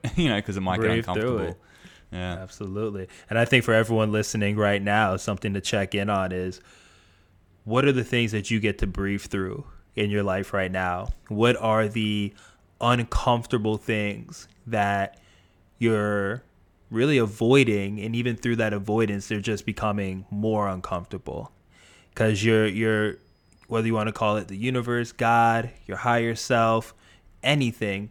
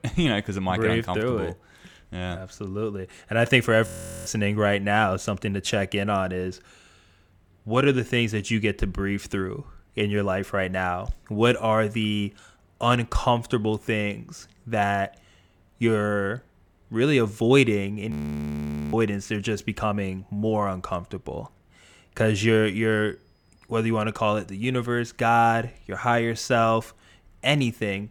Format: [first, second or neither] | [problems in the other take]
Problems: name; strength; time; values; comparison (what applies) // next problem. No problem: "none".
first | audio freezing; at 4 s and at 18 s for 1 s